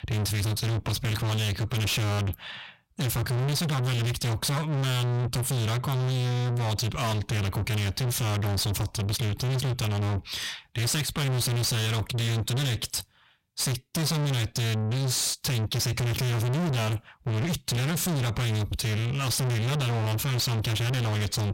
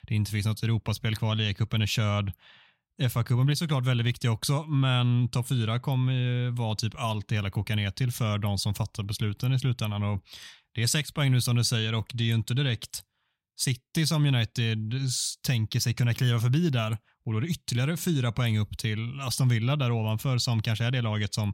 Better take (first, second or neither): second